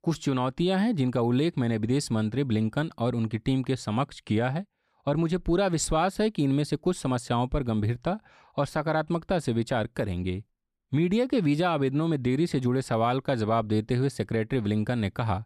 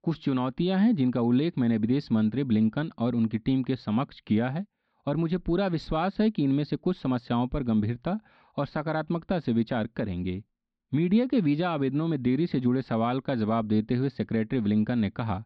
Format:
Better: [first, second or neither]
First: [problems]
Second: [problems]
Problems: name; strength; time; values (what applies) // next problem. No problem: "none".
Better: first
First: none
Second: muffled; very slightly; fading above 4 kHz